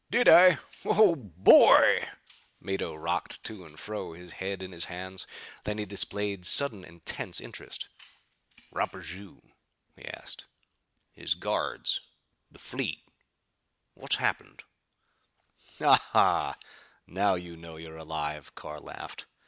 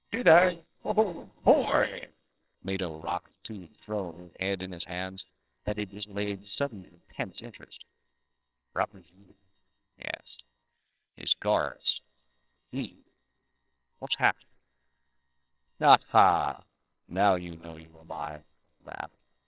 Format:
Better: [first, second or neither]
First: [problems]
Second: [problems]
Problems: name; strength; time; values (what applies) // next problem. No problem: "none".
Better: first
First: none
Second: noise reduction (neural separator model SepFormer WHAMR!)